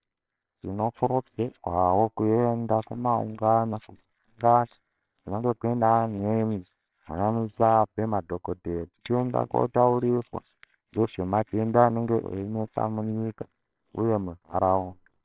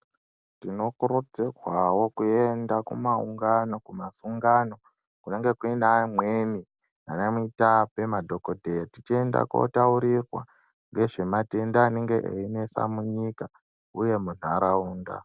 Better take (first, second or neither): second